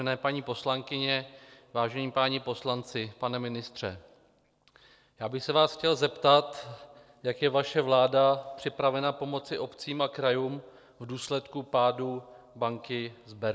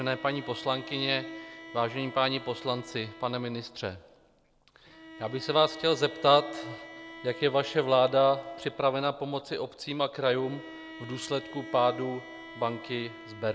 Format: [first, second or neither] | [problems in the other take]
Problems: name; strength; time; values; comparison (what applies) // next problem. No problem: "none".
first | background sound (Bowed string instrument); 16 dB below the speech